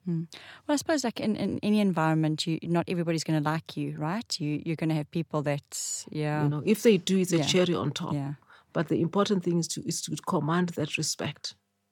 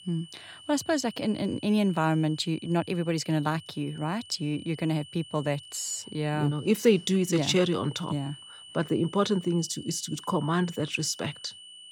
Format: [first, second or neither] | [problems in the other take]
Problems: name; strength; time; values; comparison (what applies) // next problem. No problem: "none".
first | high-pitched whine; noticeable; throughout; 3 kHz, 15 dB below the speech